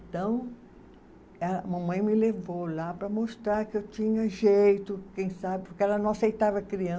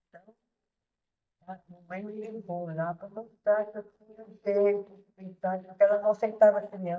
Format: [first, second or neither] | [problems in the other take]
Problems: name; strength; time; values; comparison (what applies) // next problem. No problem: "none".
first | noise reduction (neural mask model DeepFilterNet 3)